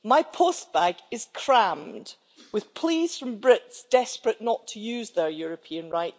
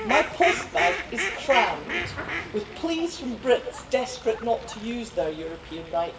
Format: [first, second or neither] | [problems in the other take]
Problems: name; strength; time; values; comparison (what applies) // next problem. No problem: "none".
first | background sound (Fowl); 5 dB below the speech // room echo; dies away in 0.8 s